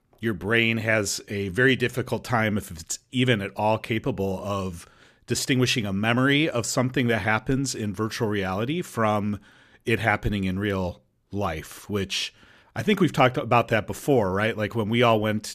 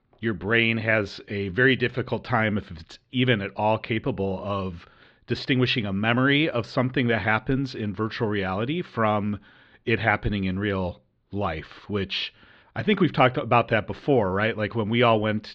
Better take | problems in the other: first | muffled; slightly; fading above 4 kHz

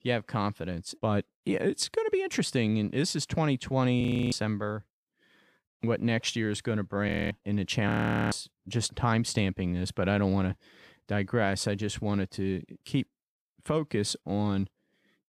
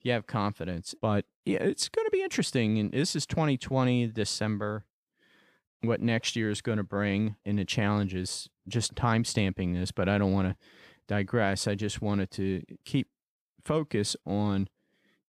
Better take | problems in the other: second | audio freezing; at 4 s, at 7 s and at 8 s

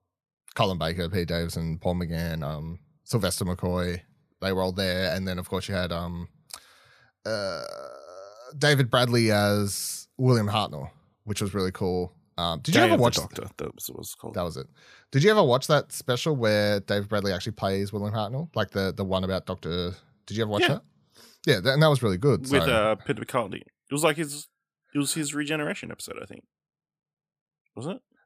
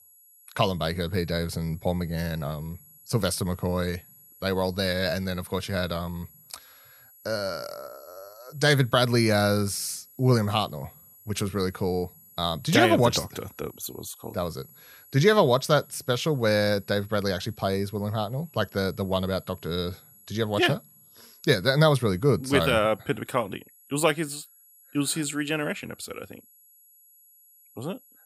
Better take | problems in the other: first | high-pitched whine; faint; throughout; 11.5 kHz, 25 dB below the speech

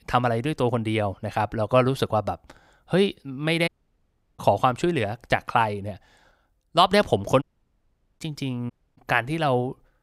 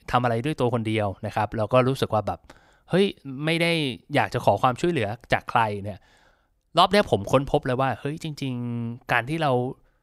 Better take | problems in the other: second | audio cutting out; at 3.5 s for 0.5 s, at 7.5 s for 1 s and at 8.5 s

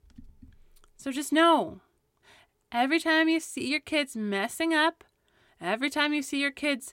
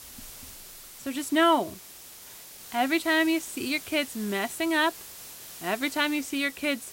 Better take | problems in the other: first | hiss; noticeable; throughout; 15 dB below the speech

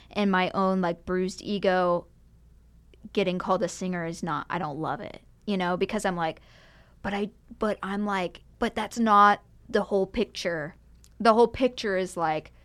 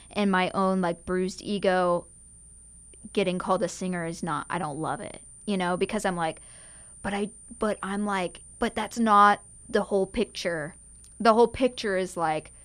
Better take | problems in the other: first | high-pitched whine; faint; throughout; 9 kHz, 20 dB below the speech

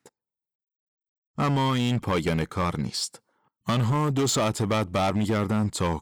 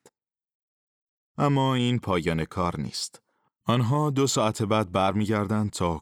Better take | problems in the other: second | distortion; slight; 11% of the sound clipped

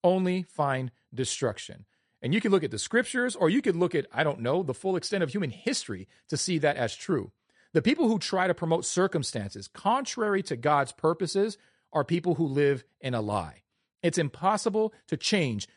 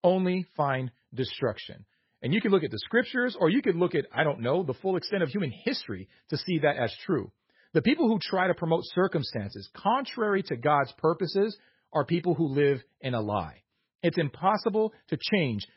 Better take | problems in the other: first | garbled, watery; badly; nothing above 5.5 kHz; slightly in the first

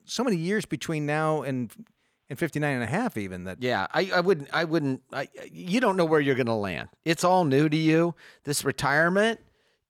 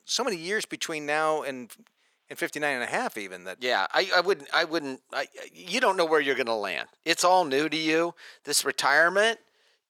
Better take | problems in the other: first | thin; somewhat; fading below 450 Hz

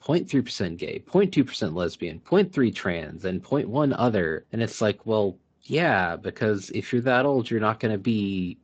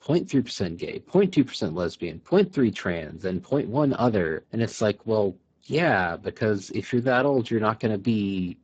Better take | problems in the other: first | garbled, watery; badly; nothing above 7.5 kHz; slightly in the first

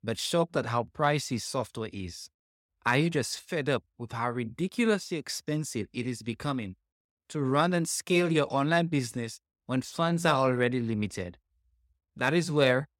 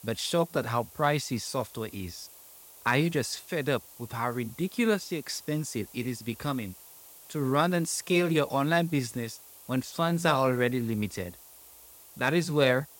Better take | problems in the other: first | hiss; noticeable; throughout; 20 dB below the speech

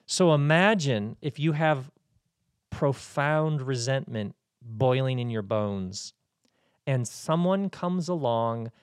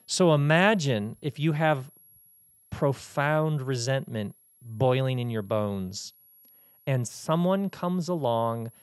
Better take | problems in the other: first | high-pitched whine; faint; throughout; 11.5 kHz, 30 dB below the speech

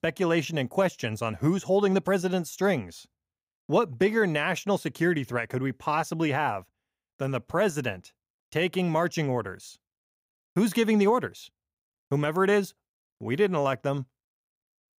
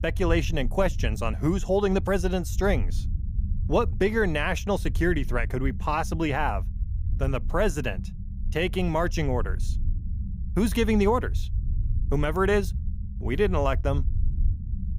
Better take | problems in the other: first | low rumble; faint; throughout; 20 dB below the speech

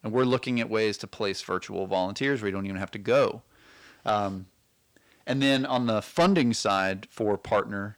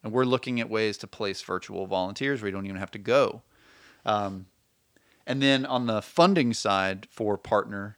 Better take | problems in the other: second | distortion; slight; 10 dB below the speech

